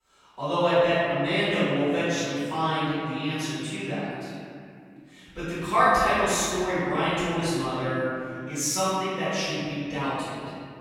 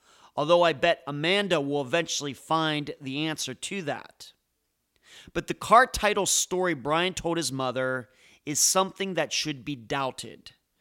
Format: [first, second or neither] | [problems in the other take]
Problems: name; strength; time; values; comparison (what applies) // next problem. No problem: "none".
second | off-mic speech; far // room echo; strong; dies away in 2.7 s